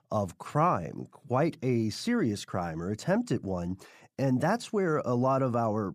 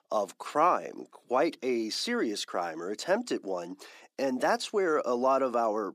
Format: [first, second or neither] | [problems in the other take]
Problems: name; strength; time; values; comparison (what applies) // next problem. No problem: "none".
first | thin; somewhat; fading below 300 Hz